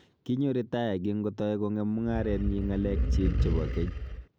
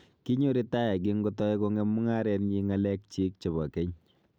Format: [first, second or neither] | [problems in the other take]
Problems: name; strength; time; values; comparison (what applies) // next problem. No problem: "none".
second | background sound (Animal); 1 dB above the speech